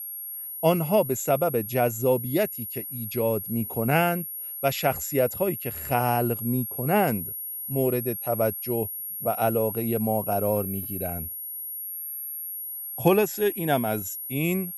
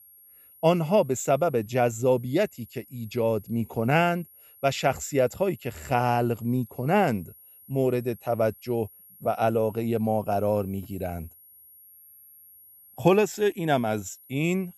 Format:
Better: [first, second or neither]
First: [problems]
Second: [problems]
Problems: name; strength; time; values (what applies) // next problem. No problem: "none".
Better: second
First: high-pitched whine; loud; throughout; 11.5 kHz, 6 dB below the speech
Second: high-pitched whine; faint; throughout; 11.5 kHz, 25 dB below the speech